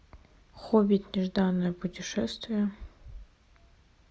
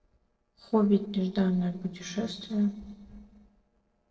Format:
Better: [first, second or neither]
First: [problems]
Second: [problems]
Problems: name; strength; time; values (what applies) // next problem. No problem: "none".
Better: first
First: none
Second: noise reduction (neural separator model SepFormer DNS4)